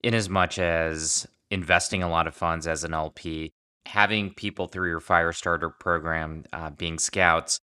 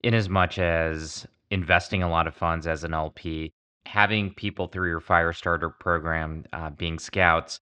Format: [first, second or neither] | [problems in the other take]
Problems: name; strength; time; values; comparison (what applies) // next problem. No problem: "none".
first | muffled; slightly; fading above 4 kHz